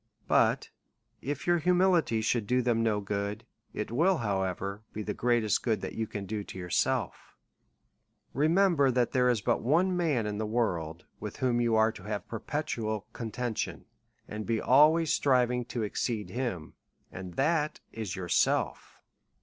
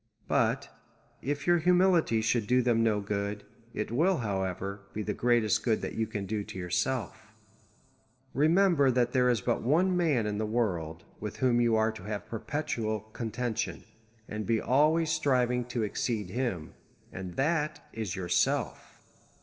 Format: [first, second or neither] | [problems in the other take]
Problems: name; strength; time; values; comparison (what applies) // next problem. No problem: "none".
first | room echo; dies away in 1.3 s